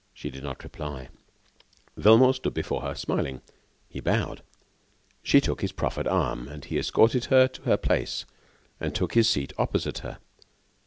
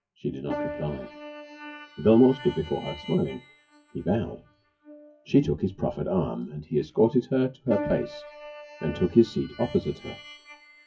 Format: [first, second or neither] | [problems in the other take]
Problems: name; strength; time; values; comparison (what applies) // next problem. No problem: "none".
first | noise reduction (classical method WPE with log-MMSE)